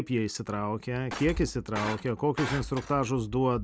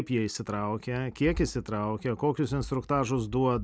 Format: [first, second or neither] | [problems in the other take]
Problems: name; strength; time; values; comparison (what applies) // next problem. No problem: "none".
second | background sound (Shatter); 11 dB below the speech